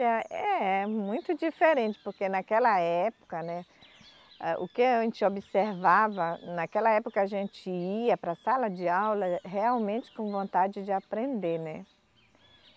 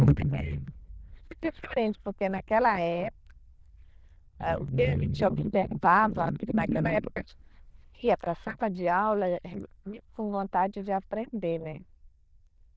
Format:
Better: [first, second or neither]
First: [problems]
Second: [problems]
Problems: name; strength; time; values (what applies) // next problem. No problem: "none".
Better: first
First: none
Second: noise reduction (neural diffusion model UNIVERSE++)